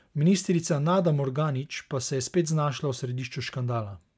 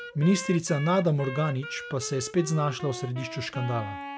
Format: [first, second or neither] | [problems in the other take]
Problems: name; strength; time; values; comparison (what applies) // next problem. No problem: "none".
first | background sound (Wind instrument, woodwind instrument); 12 dB below the speech